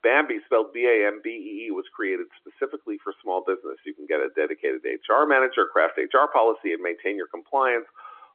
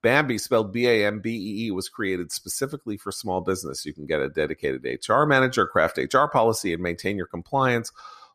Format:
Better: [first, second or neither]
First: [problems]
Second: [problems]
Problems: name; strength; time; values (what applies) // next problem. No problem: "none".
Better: second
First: phone-call audio; nothing above 3.5 kHz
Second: none